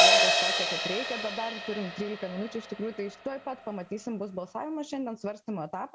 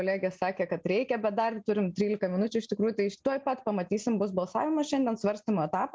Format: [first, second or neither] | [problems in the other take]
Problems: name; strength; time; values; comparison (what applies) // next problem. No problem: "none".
second | background sound (Crash cymbal); 5 dB above the speech